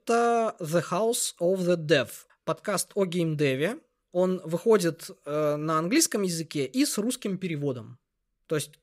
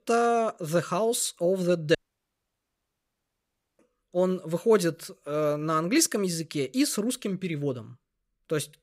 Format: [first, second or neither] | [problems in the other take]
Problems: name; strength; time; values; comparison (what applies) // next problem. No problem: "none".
first | audio cutting out; at 2 s for 2 s